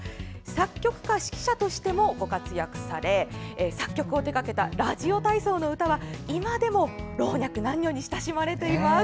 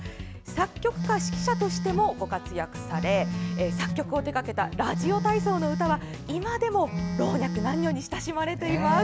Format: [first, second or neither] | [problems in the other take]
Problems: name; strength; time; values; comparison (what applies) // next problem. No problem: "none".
first | background sound (Telephone); 5 dB below the speech